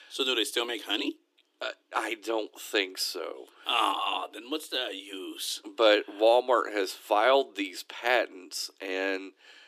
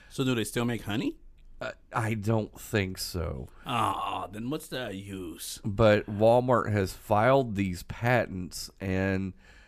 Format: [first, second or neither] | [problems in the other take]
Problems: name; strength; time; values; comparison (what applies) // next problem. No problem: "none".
second | thin; somewhat; fading below 300 Hz